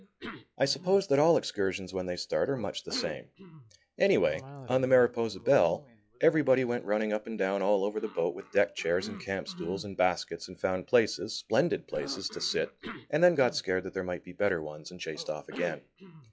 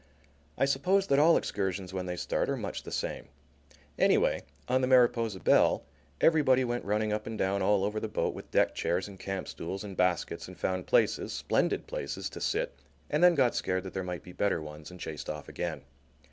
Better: second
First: noise reduction (classical method log-MMSE)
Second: none

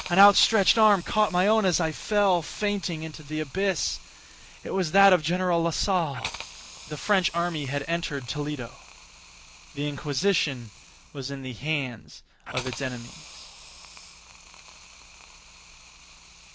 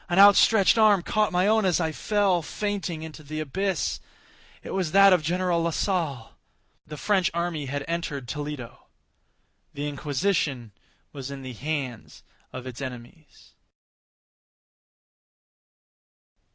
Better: second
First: background sound (Hiss); 18 dB below the speech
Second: none

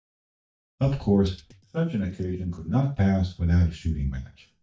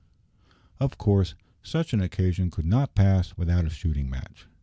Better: second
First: noise reduction (neural mask model DeepFilterNet 3)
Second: none

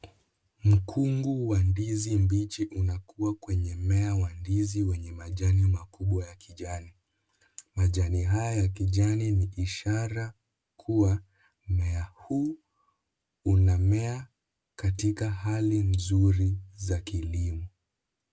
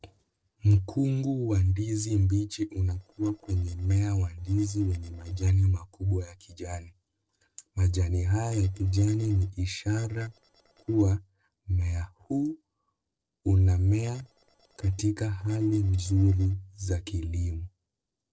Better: first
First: none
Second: noise reduction (neural separator model SepFormer DNS4)

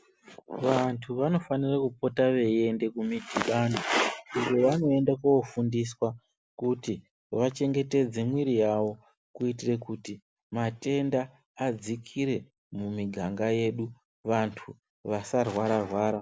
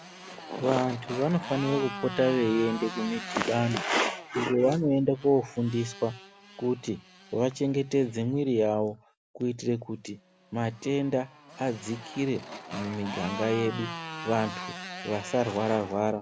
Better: first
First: none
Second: background sound (Motorcycle); 13 dB below the speech

